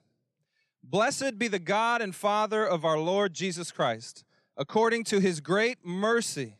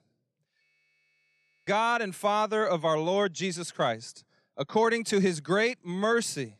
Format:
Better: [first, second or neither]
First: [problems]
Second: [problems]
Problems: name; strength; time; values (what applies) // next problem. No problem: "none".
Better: first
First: none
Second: audio freezing; at 0.5 s for 1 s